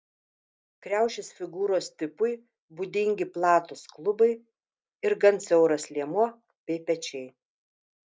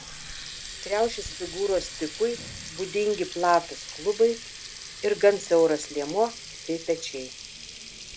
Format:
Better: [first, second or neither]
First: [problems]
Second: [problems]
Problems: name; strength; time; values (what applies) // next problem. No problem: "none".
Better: first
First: none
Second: background sound (Water tap, faucet); 12 dB below the speech